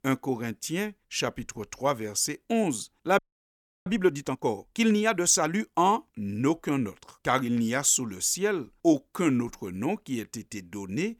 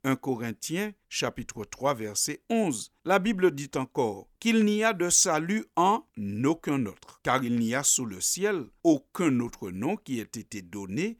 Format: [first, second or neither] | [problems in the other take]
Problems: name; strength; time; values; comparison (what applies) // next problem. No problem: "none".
second | audio freezing; at 3 s for 0.5 s